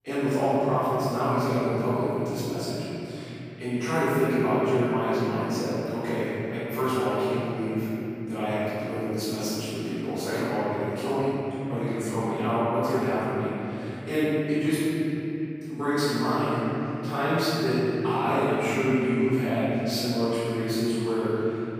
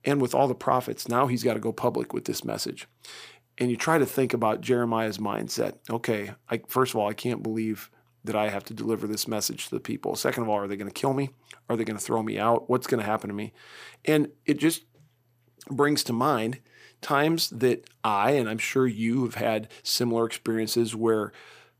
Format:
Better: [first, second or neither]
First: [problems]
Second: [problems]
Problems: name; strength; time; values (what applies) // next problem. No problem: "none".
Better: second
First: off-mic speech; far // room echo; strong; dies away in 3 s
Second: none